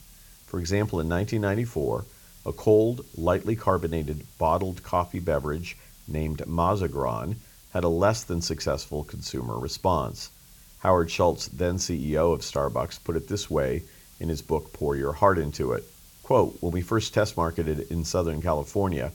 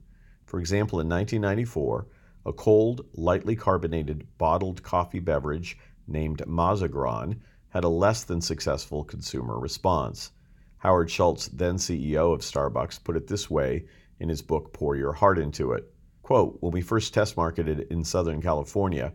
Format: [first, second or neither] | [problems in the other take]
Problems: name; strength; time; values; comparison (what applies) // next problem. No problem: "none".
second | hiss; faint; throughout; 25 dB below the speech